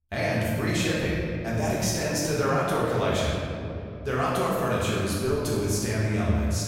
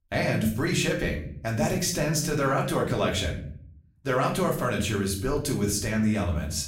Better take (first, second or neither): second